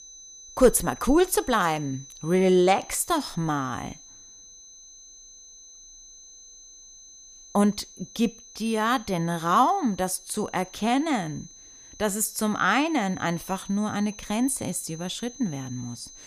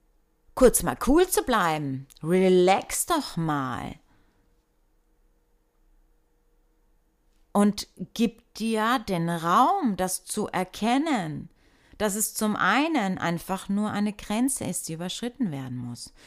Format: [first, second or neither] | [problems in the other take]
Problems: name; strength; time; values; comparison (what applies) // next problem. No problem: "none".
second | high-pitched whine; noticeable; throughout; 6 kHz, 20 dB below the speech